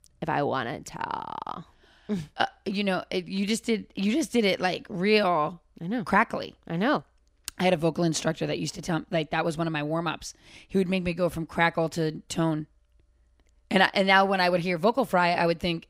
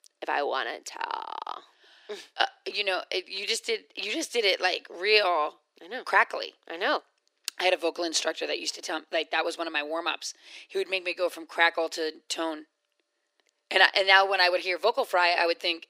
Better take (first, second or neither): first